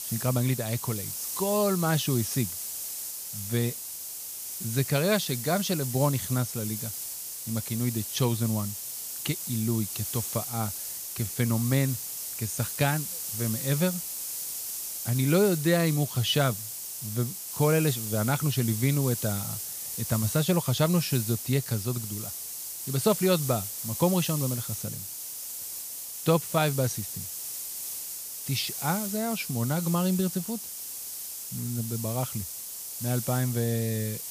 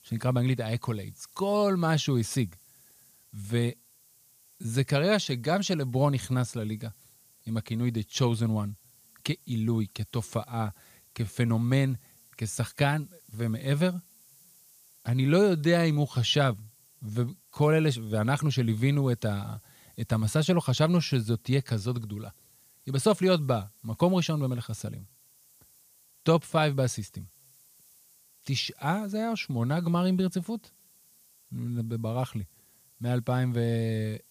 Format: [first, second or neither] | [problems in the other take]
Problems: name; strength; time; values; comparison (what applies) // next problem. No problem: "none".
second | hiss; loud; throughout; 5 dB below the speech; faint in the second